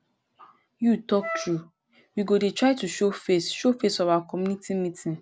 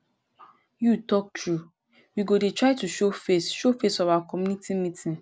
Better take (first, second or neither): second